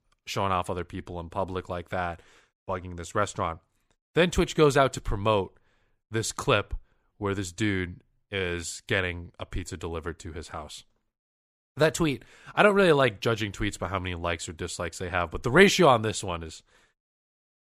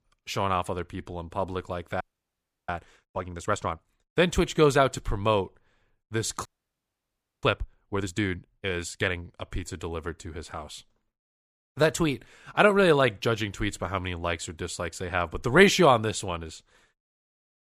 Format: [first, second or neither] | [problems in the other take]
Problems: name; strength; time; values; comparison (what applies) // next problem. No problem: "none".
first | audio freezing; at 2 s for 0.5 s and at 6.5 s for 1 s